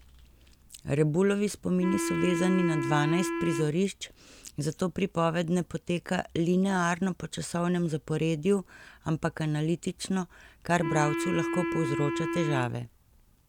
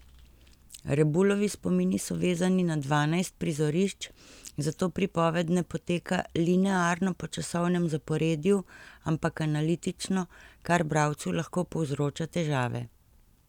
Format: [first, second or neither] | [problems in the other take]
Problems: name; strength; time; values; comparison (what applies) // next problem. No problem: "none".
second | background sound (Wind instrument, woodwind instrument); 3 dB below the speech